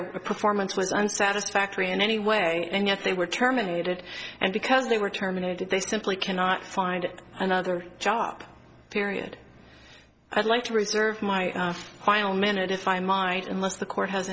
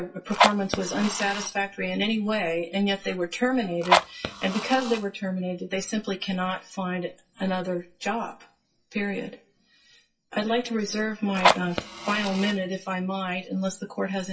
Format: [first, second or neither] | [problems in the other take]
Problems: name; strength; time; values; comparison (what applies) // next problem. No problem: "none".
first | noise reduction (classical method WPE with log-MMSE)